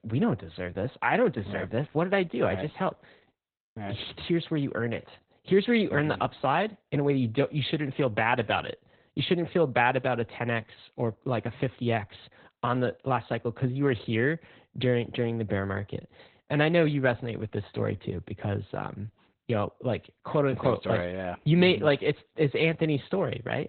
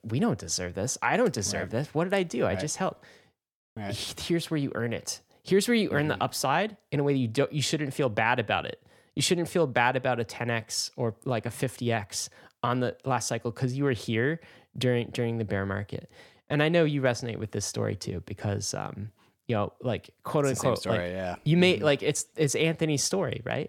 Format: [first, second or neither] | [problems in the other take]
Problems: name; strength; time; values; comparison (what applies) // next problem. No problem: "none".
second | garbled, watery; badly; nothing above 4 kHz